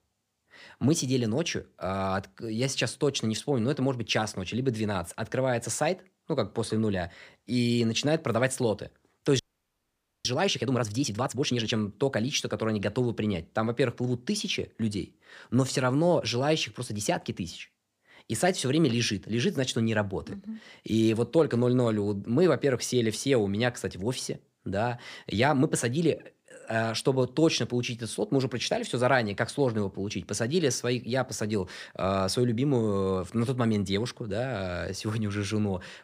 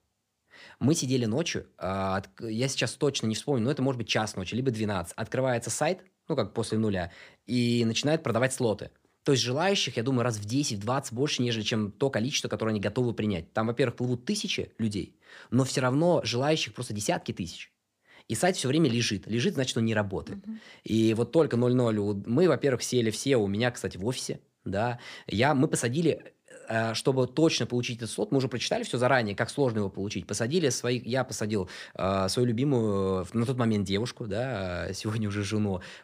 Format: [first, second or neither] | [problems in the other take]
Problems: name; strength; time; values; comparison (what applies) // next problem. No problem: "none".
second | audio freezing; at 9.5 s for 1 s